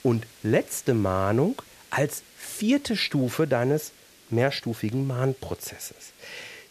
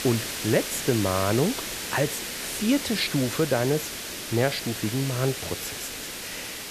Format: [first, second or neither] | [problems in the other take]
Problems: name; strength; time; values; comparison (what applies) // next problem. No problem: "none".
first | hiss; loud; throughout; 5 dB below the speech; faint in the first